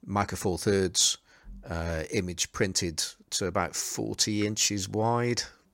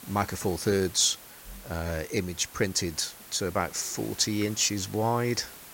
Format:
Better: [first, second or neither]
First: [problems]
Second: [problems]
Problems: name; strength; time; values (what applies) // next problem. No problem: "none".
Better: first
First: none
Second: hiss; noticeable; throughout; 15 dB below the speech